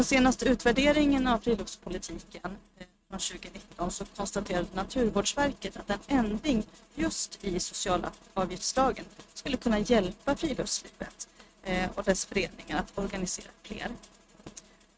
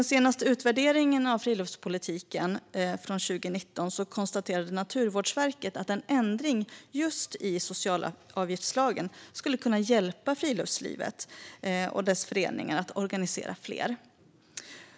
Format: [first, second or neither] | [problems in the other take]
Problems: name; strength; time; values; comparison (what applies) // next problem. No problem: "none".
second | noise reduction (neural mask model RNNoise)